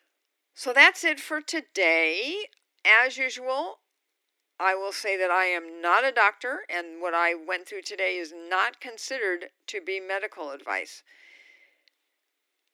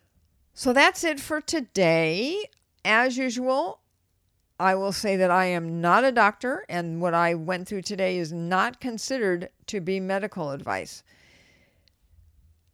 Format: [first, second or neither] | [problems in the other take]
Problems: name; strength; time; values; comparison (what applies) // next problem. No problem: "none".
second | thin; very; fading below 300 Hz